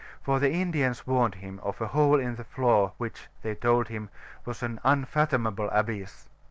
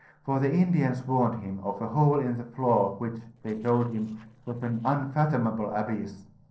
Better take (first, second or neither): first